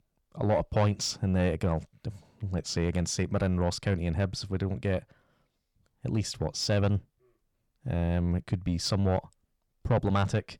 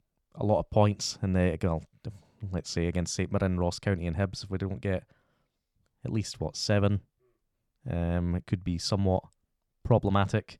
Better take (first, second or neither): second